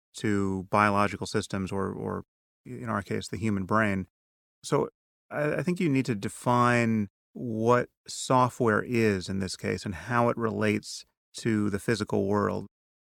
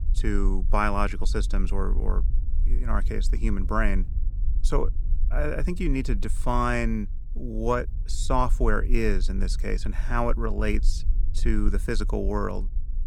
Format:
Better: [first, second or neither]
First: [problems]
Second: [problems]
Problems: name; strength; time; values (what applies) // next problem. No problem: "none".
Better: first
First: none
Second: low rumble; faint; throughout; 20 dB below the speech